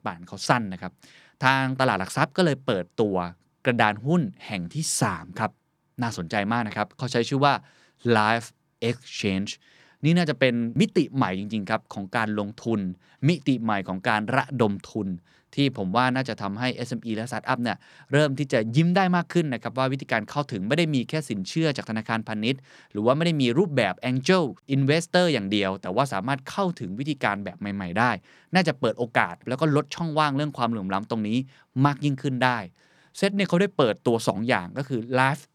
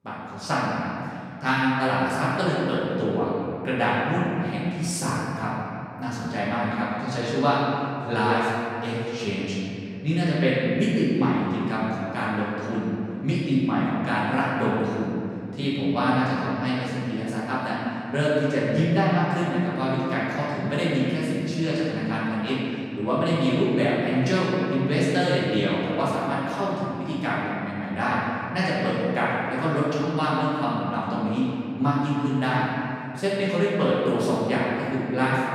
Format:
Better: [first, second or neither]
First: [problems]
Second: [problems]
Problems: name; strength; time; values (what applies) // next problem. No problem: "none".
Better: first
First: none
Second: room echo; strong; dies away in 2.5 s // off-mic speech; far